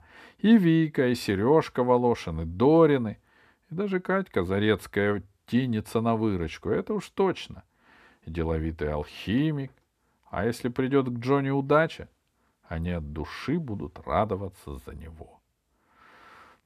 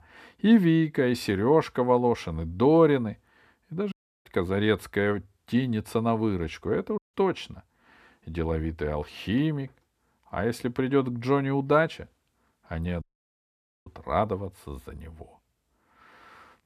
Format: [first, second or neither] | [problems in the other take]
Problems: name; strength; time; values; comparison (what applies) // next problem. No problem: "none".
first | audio cutting out; at 4 s, at 7 s and at 13 s for 1 s